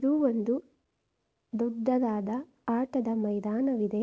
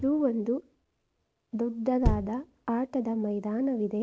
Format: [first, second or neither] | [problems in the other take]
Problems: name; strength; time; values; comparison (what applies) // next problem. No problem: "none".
first | background sound (Thump, thud); 7 dB below the speech